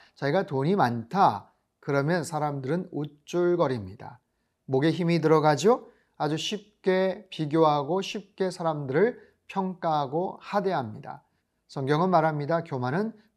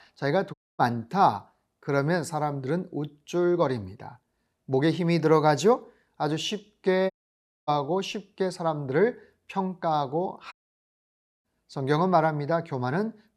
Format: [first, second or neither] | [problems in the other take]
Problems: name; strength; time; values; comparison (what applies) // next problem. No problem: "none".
first | audio cutting out; at 0.5 s, at 7 s for 0.5 s and at 11 s for 1 s